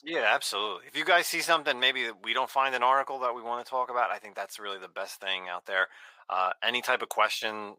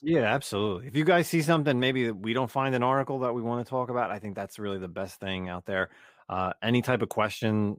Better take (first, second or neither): second